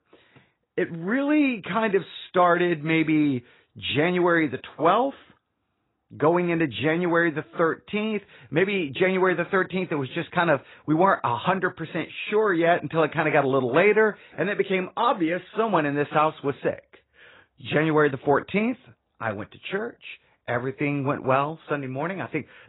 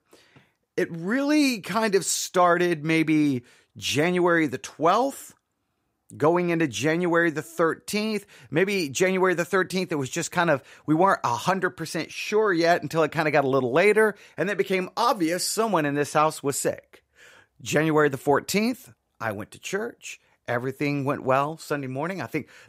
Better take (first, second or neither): second